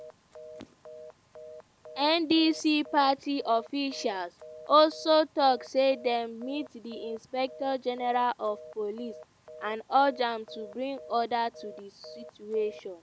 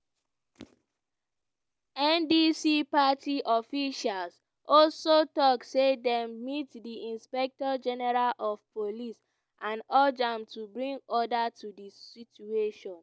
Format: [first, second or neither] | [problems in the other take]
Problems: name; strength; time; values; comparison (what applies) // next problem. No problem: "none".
second | background sound (Telephone); 19 dB below the speech